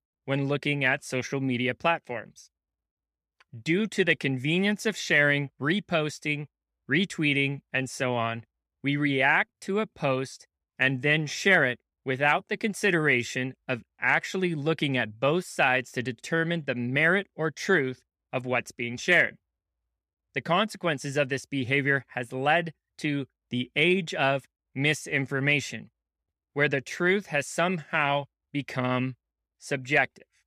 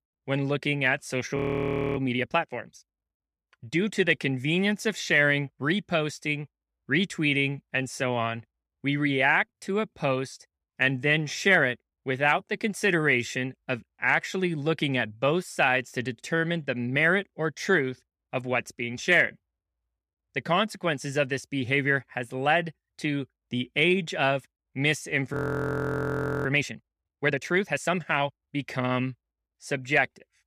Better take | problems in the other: first | audio freezing; at 1.5 s for 0.5 s and at 25 s for 1 s

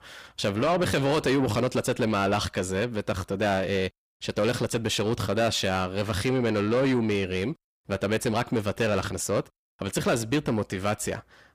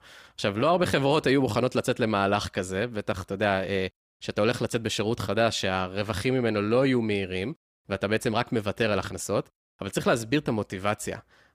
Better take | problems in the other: second | distortion; slight; 10 dB below the speech

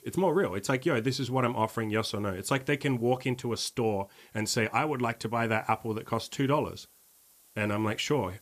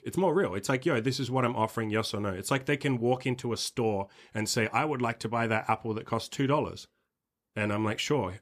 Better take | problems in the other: second | hiss; faint; throughout; 30 dB below the speech

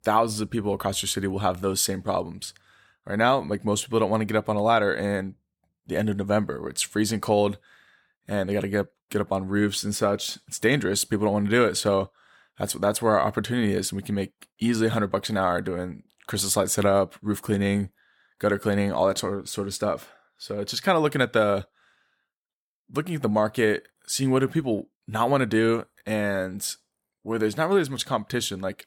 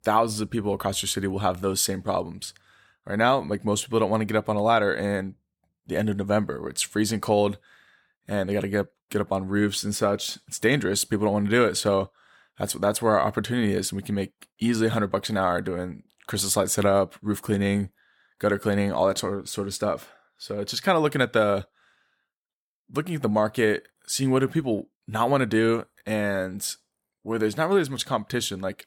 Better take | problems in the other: neither | none

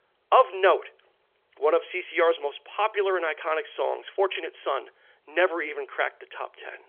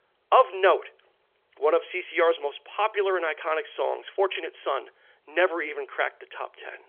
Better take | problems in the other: neither | phone-call audio; nothing above 3.5 kHz; the same in both

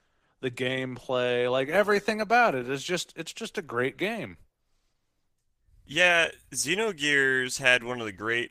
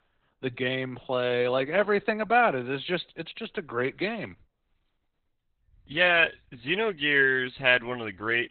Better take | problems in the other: first | garbled, watery; badly; nothing above 3.5 kHz; slightly in the first

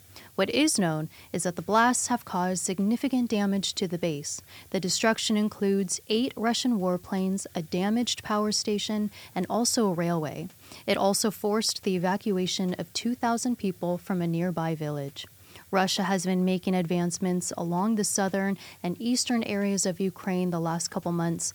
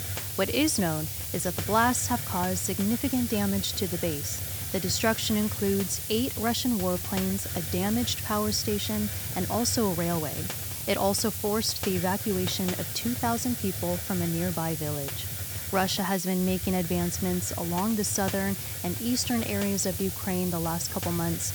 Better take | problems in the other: first | hiss; loud; throughout; 3 dB below the speech; faint in the first

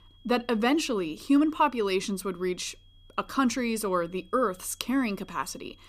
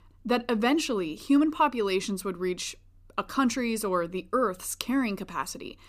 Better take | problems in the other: second | high-pitched whine; faint; throughout; 3.5 kHz, 30 dB below the speech

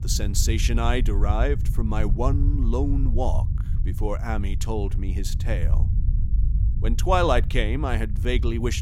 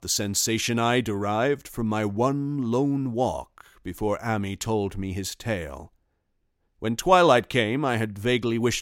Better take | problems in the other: second | low rumble; noticeable; throughout; 15 dB below the speech

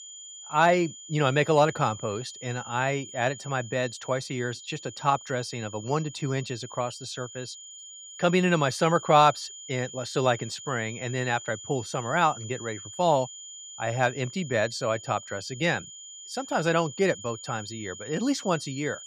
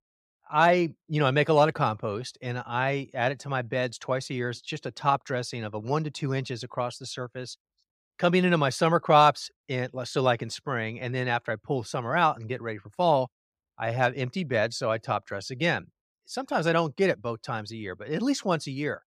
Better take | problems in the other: second | high-pitched whine; noticeable; throughout; 7 kHz, 15 dB below the speech

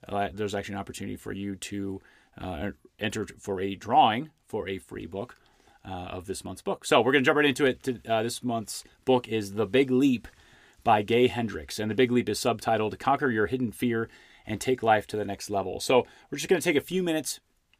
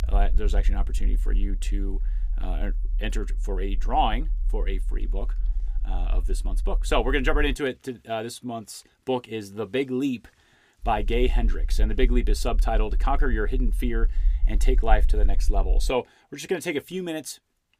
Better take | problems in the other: first | low rumble; faint; until 7.5 s and from 11 to 16 s; 25 dB below the speech

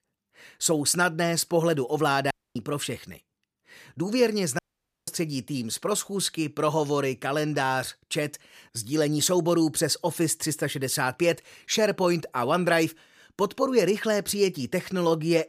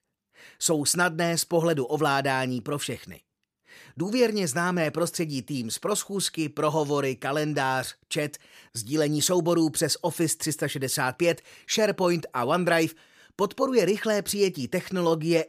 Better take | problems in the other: second | audio cutting out; at 2.5 s and at 4.5 s

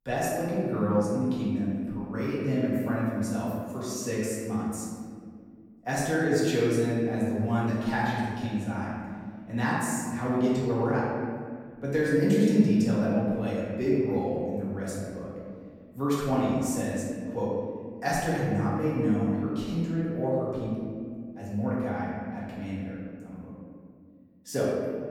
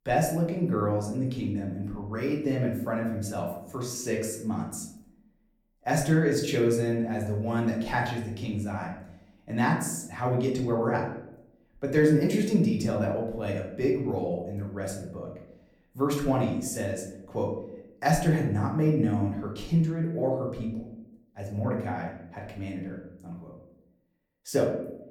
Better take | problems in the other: second | room echo; strong; dies away in 2.1 s; slight in the second // off-mic speech; far; far in the second

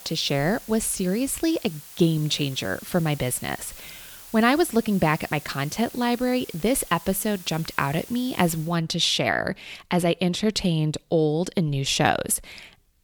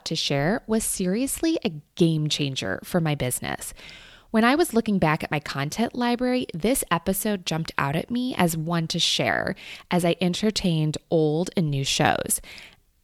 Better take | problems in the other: second | hiss; noticeable; until 8.5 s; 15 dB below the speech

